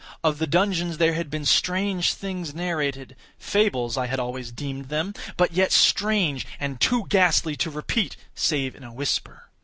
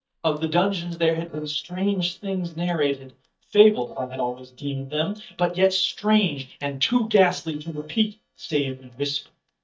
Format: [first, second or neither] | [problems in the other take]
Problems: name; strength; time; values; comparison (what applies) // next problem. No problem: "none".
first | noise reduction (neural mask model DeepFilterNet 3)